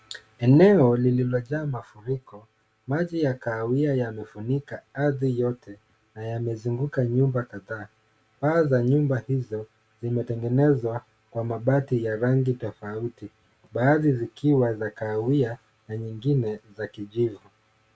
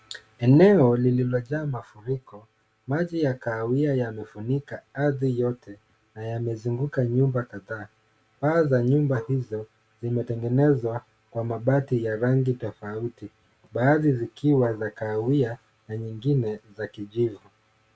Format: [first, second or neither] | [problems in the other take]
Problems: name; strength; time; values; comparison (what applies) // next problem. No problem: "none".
first | background sound (Marimba, xylophone); 19 dB below the speech